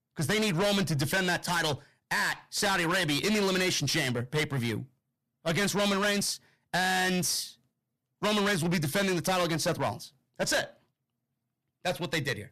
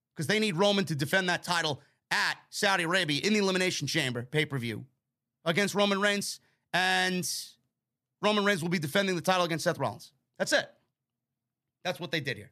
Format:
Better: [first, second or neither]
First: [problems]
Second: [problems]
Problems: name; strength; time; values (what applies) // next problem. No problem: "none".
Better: second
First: distortion; heavy; 17% of the sound clipped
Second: none